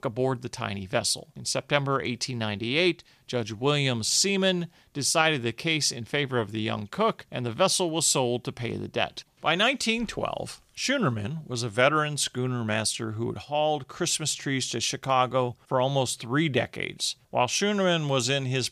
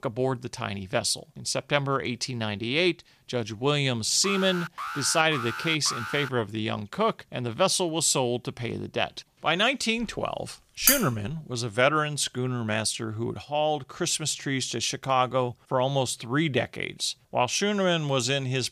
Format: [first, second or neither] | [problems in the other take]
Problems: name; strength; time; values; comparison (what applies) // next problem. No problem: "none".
first | alarm; noticeable; from 4 to 6.5 s; peak 7 dB below the speech // clattering dishes; loud; at 11 s; peak 5 dB above the speech